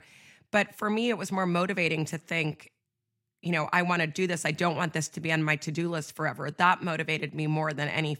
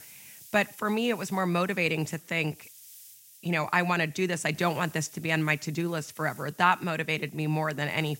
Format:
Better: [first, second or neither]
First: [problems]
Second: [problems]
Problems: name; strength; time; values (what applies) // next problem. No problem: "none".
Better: first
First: none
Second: hiss; faint; throughout; 20 dB below the speech